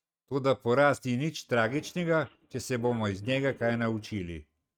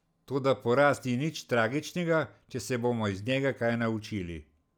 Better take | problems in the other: second | noise reduction (neural mask model RNNoise)

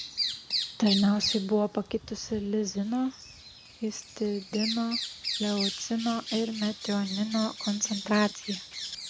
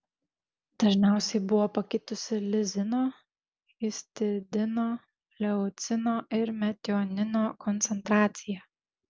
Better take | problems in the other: second | background sound (Bird vocalization, bird call, bird song); 7 dB below the speech

